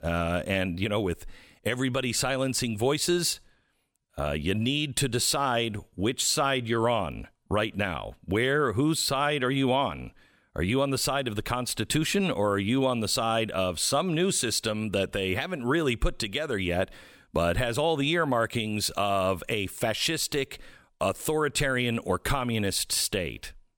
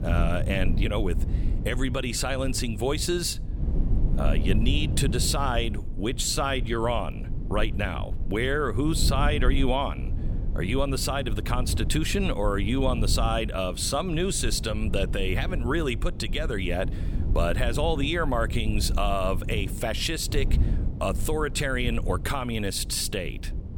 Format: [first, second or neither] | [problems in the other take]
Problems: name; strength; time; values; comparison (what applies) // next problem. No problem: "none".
first | low rumble; noticeable; throughout; 15 dB below the speech